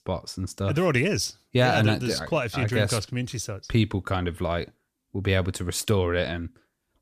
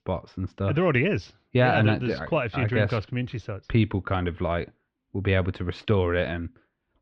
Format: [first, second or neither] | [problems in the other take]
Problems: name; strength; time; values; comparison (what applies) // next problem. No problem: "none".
first | muffled; very; fading above 3 kHz